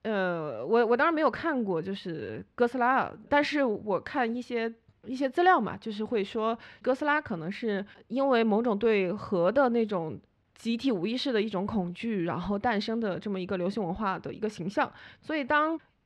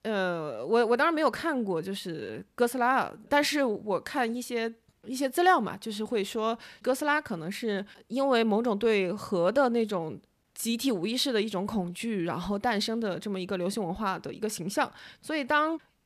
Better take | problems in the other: second | muffled; slightly; fading above 3 kHz

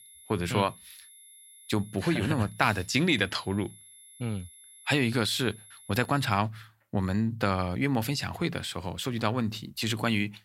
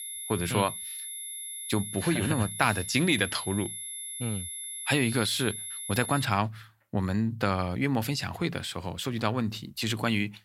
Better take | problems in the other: first | high-pitched whine; loud; until 6 s; 11 kHz, 6 dB below the speech; faint in the first

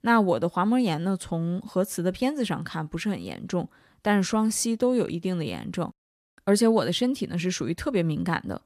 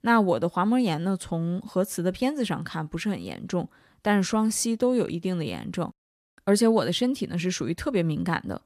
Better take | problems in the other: neither | none

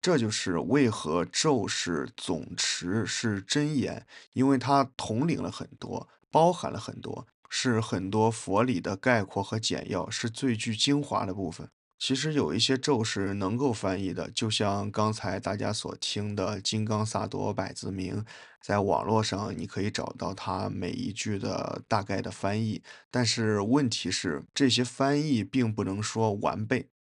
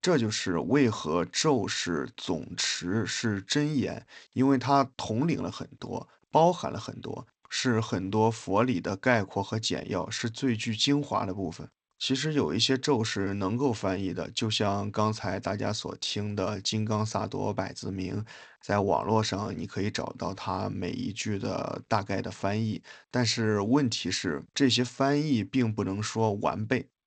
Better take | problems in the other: first | garbled, watery; slightly; nothing above 8 kHz

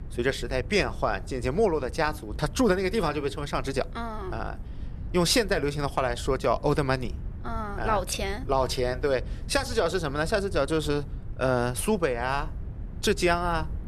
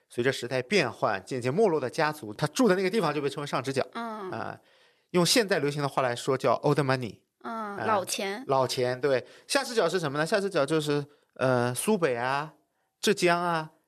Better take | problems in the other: second | low rumble; faint; throughout; 25 dB below the speech

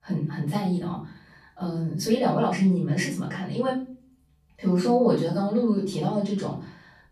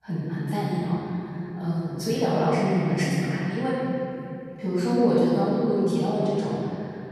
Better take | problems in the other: first | room echo; strong; dies away in 3 s; slight in the first // off-mic speech; far; far in the first

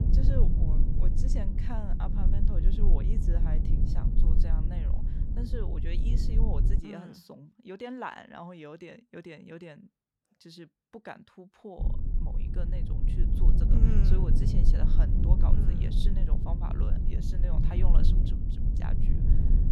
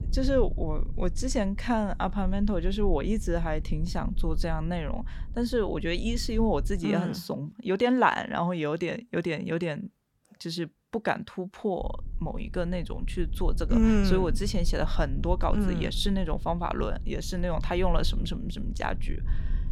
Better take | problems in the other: second | low rumble; loud; until 7 s and from 12 s on; as loud as the speech; faint in the second

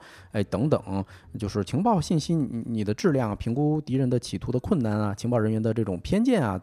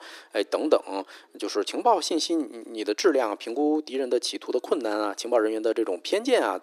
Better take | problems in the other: first | thin; very; fading below 300 Hz

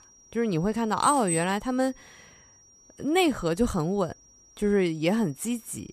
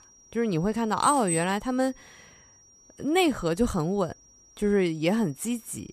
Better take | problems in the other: neither | high-pitched whine; faint; throughout; 5.5 kHz, 25 dB below the speech; the same in both

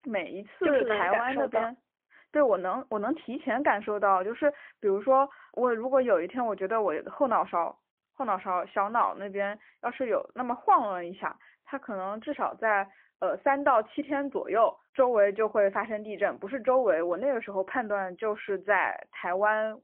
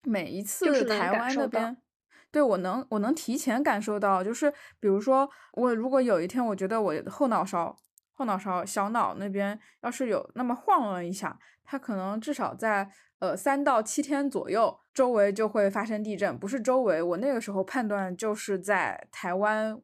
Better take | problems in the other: second | phone-call audio; poor line; nothing above 3 kHz

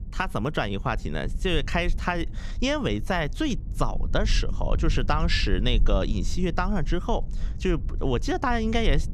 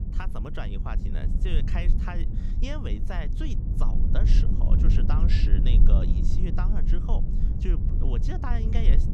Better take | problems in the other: first | low rumble; loud; throughout; 3 dB below the speech; faint in the first

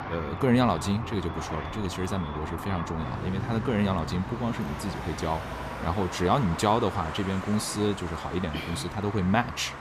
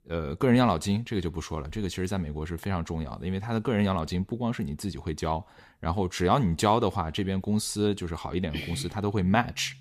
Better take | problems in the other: second | traffic noise; loud; throughout; 8 dB below the speech

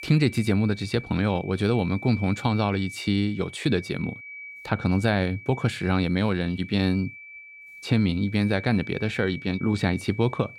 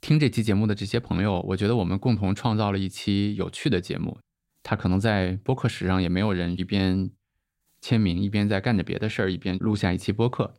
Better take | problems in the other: second | high-pitched whine; noticeable; throughout; 2.5 kHz, 15 dB below the speech

